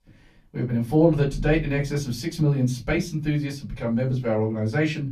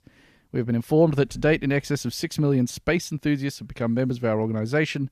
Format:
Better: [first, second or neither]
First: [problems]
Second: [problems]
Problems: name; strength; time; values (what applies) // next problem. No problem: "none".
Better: second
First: off-mic speech; far // room echo; very slight; dies away in 0.3 s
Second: none